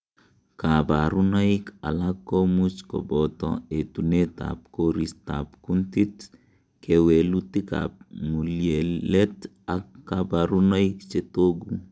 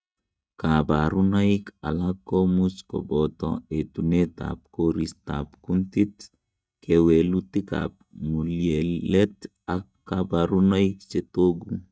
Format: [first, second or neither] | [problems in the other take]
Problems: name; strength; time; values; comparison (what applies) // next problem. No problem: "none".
first | noise reduction (neural mask model DeepFilterNet 3)